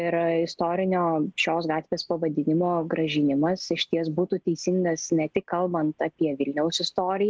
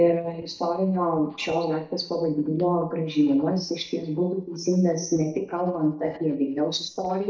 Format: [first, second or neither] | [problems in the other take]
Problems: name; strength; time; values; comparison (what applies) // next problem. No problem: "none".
first | noise reduction (neural mask model DeepFilterNet 3)